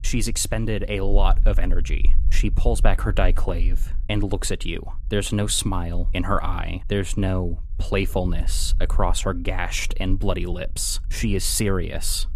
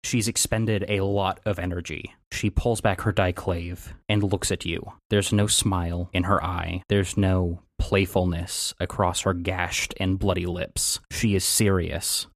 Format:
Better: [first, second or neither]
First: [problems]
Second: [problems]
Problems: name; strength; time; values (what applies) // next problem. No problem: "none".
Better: second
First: low rumble; faint; throughout; 25 dB below the speech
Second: none